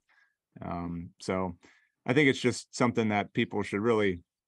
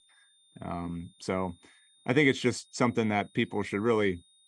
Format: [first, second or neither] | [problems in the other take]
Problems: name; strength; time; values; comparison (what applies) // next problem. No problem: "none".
first | high-pitched whine; faint; throughout; 3.5 kHz, 30 dB below the speech